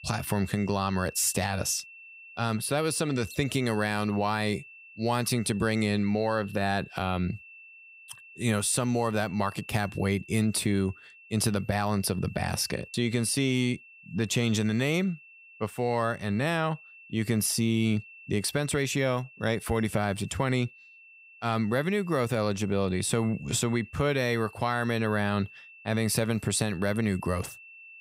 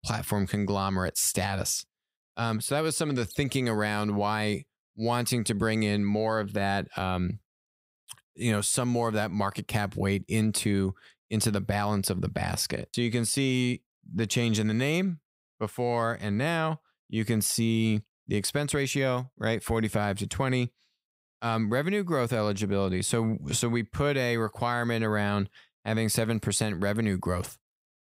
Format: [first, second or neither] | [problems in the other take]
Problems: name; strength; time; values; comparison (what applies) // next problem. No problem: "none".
second | high-pitched whine; noticeable; throughout; 2.5 kHz, 20 dB below the speech